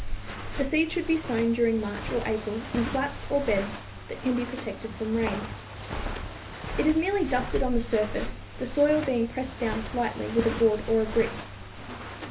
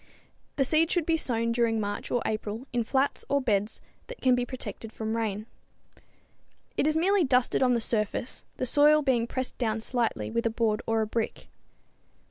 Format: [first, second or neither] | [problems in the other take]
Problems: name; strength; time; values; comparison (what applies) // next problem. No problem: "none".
second | background sound (Walk, footsteps); 7 dB below the speech // room echo; dies away in 0.3 s